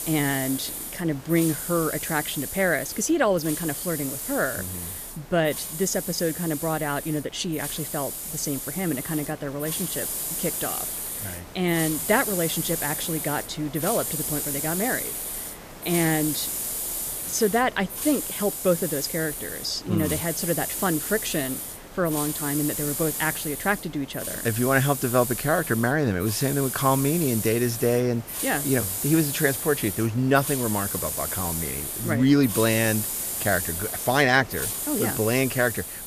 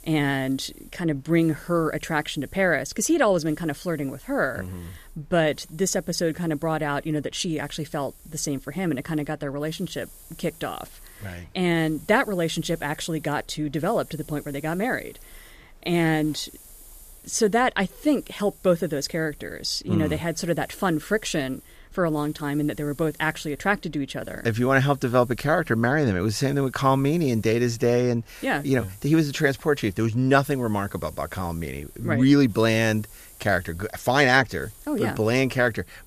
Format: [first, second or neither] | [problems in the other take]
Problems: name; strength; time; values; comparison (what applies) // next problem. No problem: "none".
second | hiss; loud; throughout; 4 dB below the speech; faint in the second